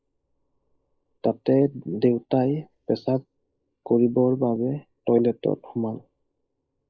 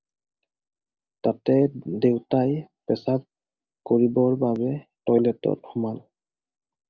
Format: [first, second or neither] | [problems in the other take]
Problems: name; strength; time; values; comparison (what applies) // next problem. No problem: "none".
second | noise reduction (neural mask model Resemble Enhance denoiser)